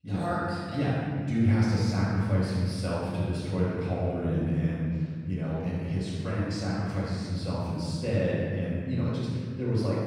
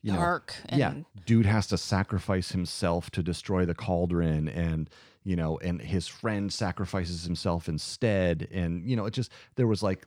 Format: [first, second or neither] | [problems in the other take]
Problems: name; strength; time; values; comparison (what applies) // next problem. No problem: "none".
second | off-mic speech; far // room echo; strong; dies away in 2.2 s